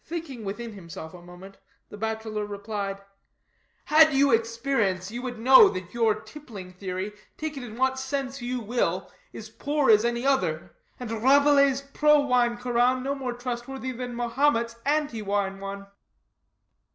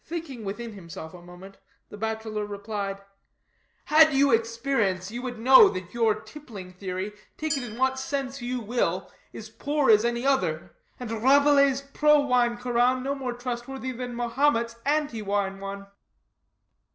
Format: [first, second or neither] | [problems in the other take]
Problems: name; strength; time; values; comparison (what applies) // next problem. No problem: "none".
first | background sound (Glass); 17 dB below the speech